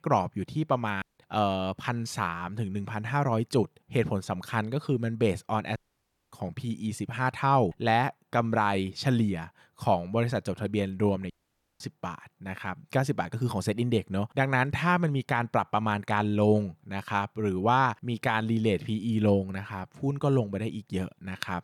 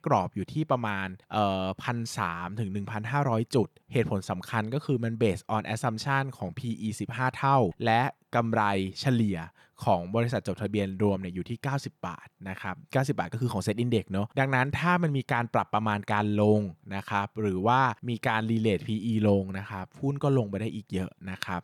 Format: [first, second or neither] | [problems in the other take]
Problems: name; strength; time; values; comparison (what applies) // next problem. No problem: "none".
second | audio cutting out; at 1 s, at 6 s for 0.5 s and at 11 s for 0.5 s